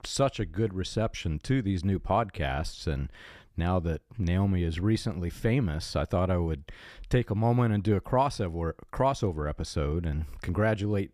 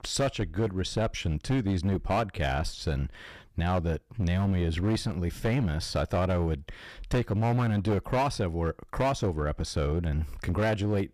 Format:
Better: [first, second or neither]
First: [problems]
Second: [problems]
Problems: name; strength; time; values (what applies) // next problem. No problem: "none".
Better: first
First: none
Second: distortion; slight; 11% of the sound clipped